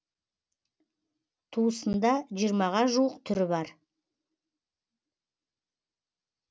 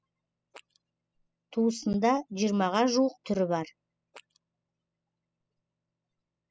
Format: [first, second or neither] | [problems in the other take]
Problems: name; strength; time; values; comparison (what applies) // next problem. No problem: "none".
first | noise reduction (classical method spectral subtraction)